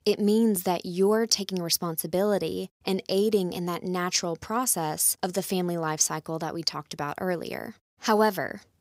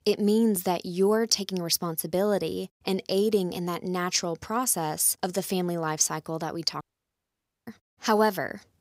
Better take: first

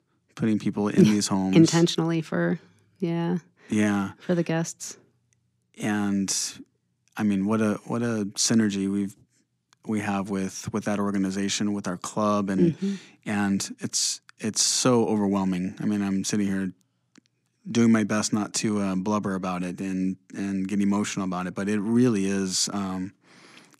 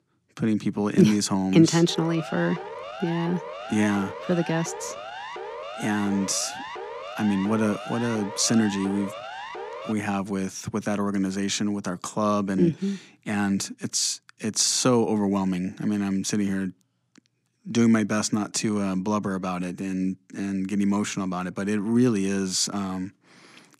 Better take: first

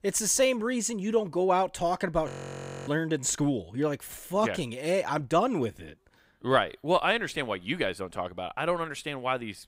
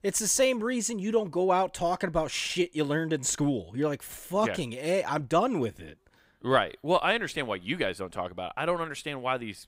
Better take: second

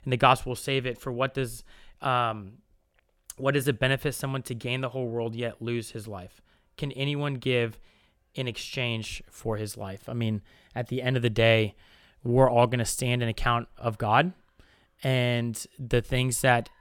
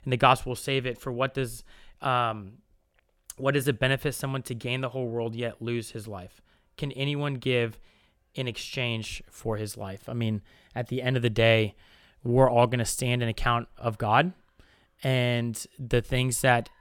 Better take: neither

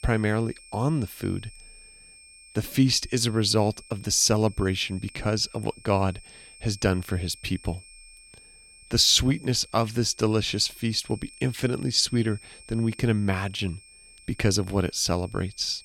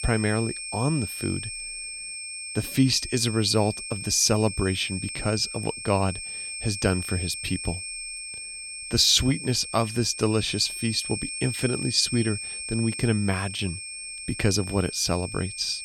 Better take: first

